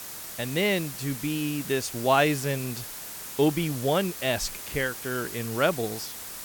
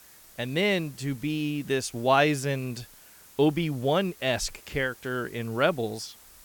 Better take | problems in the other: second | hiss; loud; throughout; 9 dB below the speech; faint in the second

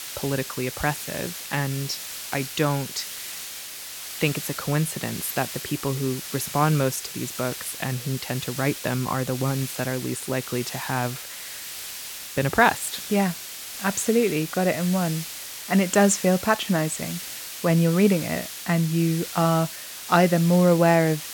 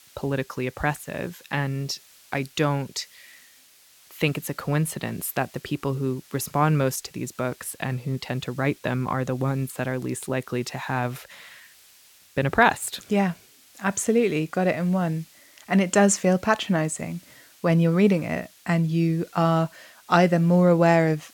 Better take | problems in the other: second | hiss; loud; throughout; 9 dB below the speech; faint in the second

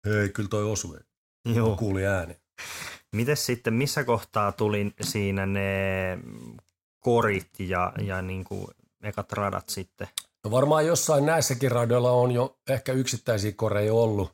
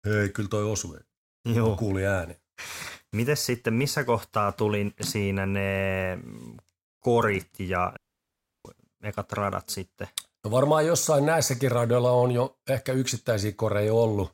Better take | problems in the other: first | audio cutting out; at 8 s for 0.5 s

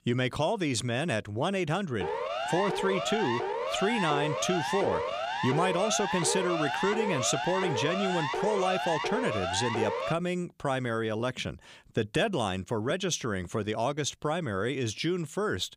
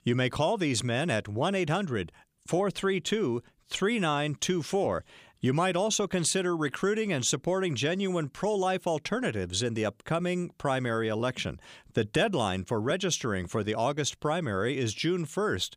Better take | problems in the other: second | siren; noticeable; from 2 to 10 s; peak 1 dB below the speech

